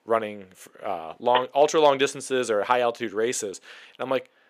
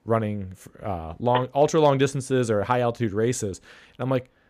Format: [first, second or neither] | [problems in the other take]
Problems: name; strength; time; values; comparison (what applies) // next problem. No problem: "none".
second | thin; somewhat; fading below 400 Hz